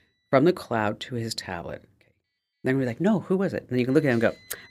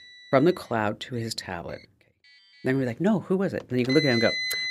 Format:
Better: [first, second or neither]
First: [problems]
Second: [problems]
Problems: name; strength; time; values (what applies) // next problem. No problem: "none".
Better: first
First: traffic noise; faint; throughout; 25 dB below the speech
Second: traffic noise; loud; throughout; 2 dB below the speech